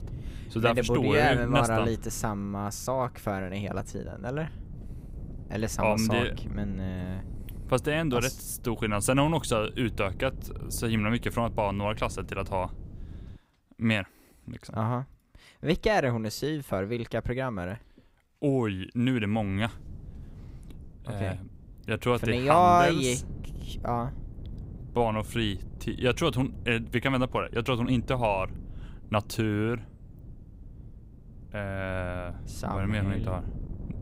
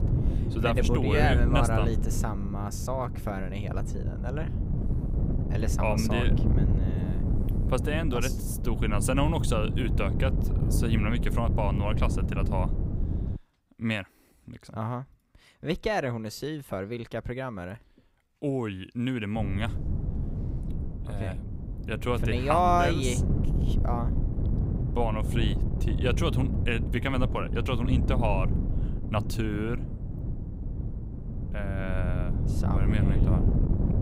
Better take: first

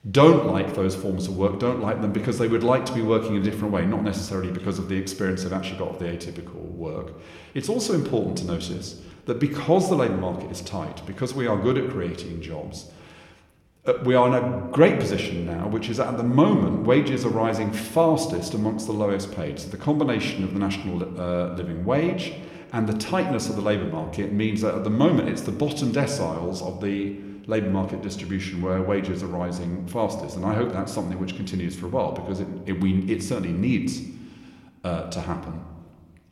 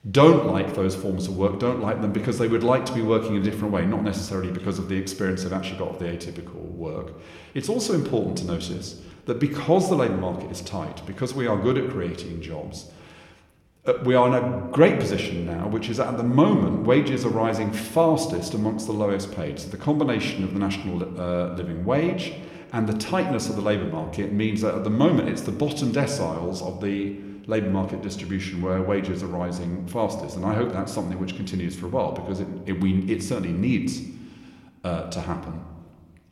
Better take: neither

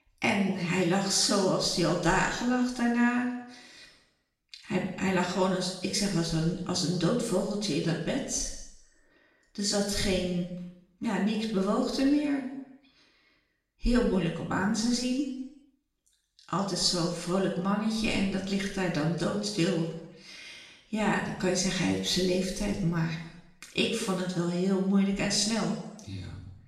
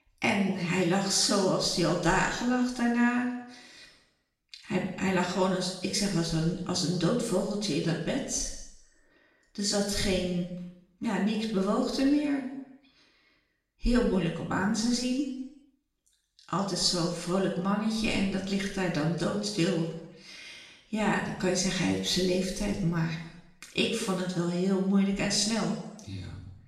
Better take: neither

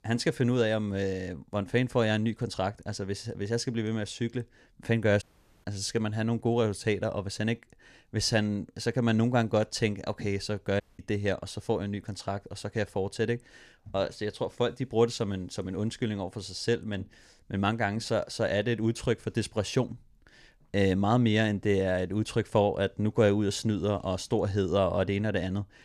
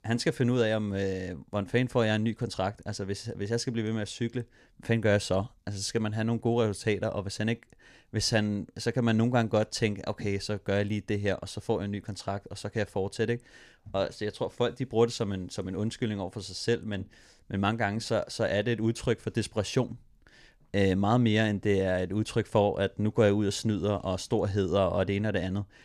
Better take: second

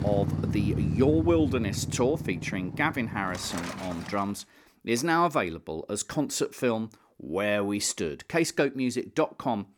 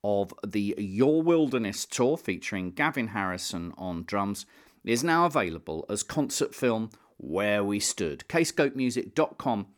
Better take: second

